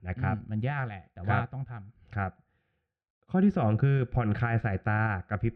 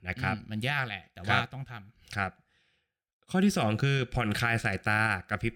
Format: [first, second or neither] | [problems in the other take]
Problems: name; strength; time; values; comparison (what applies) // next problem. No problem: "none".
second | muffled; very; fading above 1 kHz